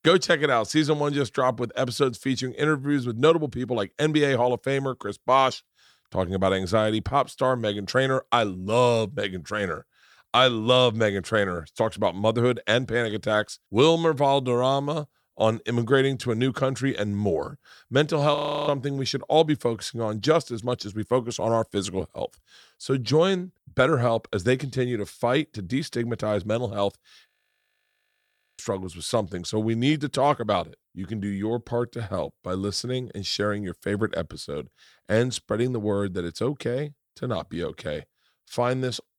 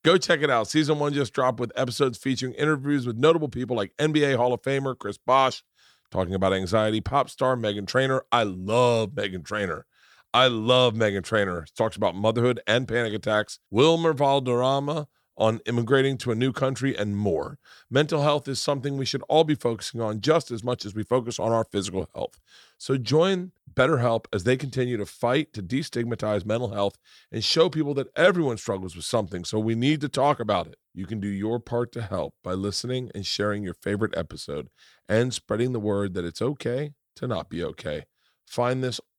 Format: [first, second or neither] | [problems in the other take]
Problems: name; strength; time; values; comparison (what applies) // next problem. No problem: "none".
second | audio freezing; at 18 s and at 27 s for 1.5 s